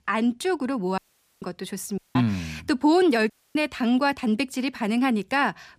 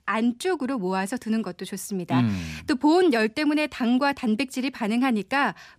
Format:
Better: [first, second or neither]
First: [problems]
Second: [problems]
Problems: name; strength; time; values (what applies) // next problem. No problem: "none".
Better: second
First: audio cutting out; at 1 s, at 2 s and at 3.5 s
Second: none